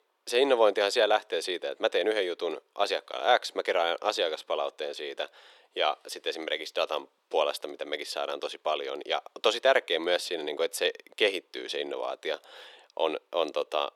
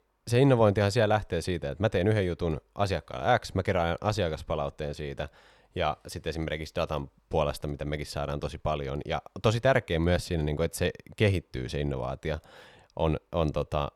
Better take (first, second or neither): second